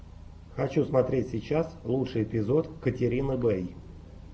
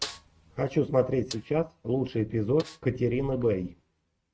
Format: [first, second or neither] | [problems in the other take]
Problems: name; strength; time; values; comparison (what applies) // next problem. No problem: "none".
first | noise reduction (neural mask model RNNoise)